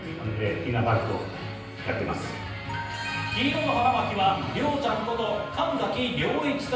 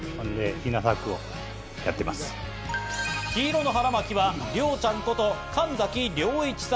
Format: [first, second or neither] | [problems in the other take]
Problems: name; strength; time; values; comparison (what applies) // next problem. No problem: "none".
second | room echo; dies away in 0.9 s